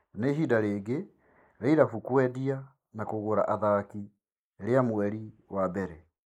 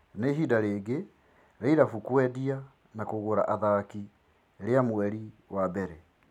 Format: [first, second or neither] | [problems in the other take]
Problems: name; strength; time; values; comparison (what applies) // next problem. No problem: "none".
second | noise reduction (neural mask model Resemble Enhance denoiser)